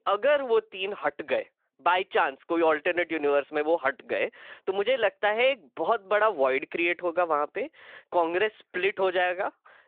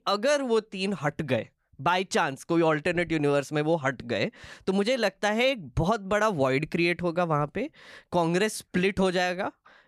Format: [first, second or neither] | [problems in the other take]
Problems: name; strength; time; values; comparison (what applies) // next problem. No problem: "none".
second | phone-call audio